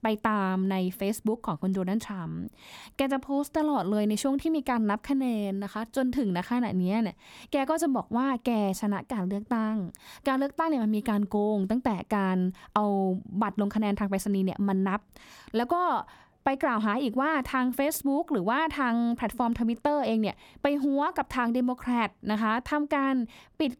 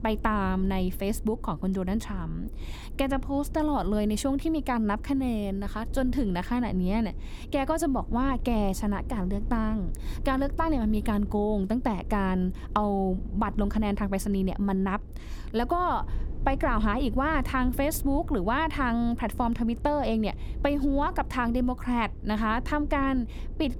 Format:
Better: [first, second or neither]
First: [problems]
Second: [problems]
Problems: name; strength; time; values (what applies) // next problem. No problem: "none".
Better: first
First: none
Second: low rumble; faint; throughout; 20 dB below the speech